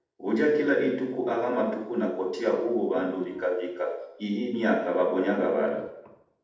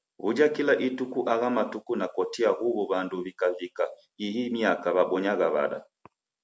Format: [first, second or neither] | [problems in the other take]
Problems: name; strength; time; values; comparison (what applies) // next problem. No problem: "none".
second | noise reduction (neural separator model SepFormer DNS4)